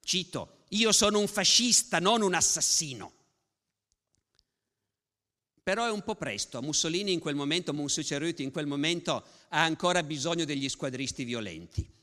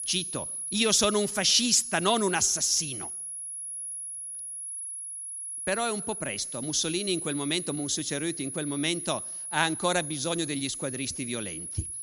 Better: first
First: none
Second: high-pitched whine; loud; throughout; 10.5 kHz, 7 dB below the speech

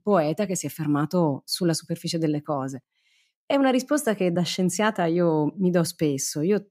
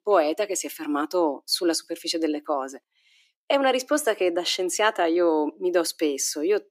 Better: first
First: none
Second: thin; somewhat; fading below 300 Hz

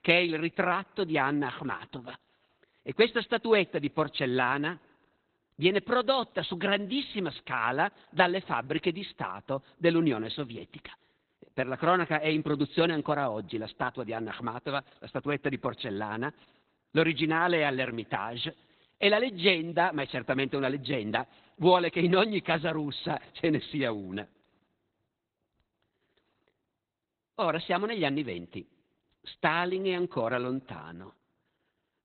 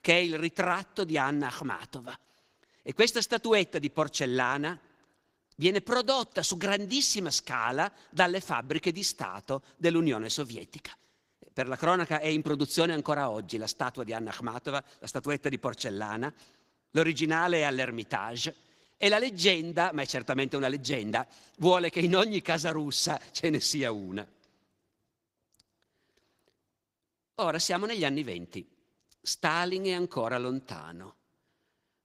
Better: second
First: garbled, watery; badly; nothing above 4 kHz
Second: garbled, watery; slightly; nothing above 15.5 kHz

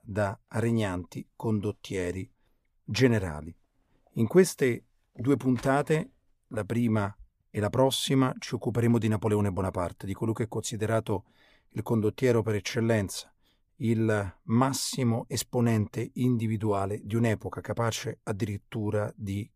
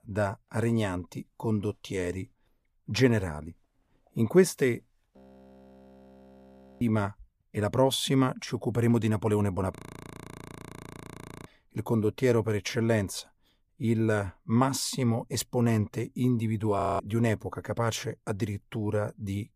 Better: first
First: none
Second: audio freezing; at 5 s for 1.5 s, at 10 s for 1.5 s and at 17 s

